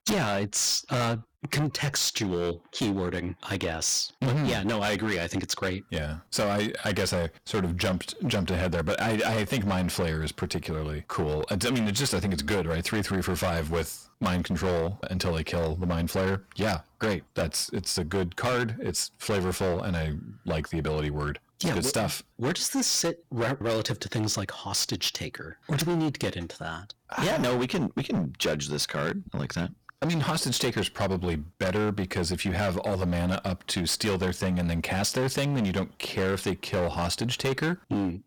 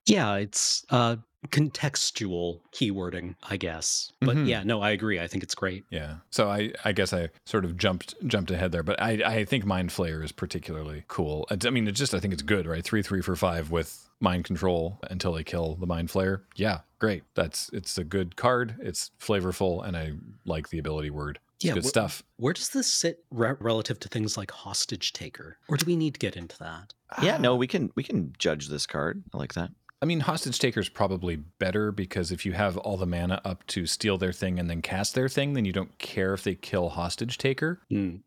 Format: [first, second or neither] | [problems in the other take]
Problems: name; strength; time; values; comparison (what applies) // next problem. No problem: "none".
second | distortion; heavy; 18% of the sound clipped